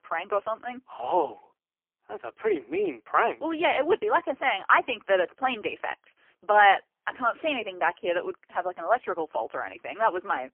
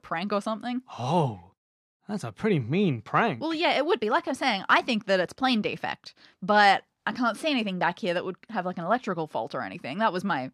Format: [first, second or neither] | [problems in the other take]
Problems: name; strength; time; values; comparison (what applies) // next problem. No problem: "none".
second | phone-call audio; poor line; nothing above 3 kHz